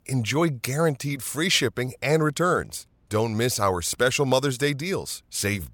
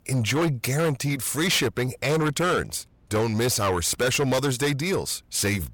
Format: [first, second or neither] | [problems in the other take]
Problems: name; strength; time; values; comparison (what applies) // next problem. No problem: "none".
first | distortion; heavy; 8 dB below the speech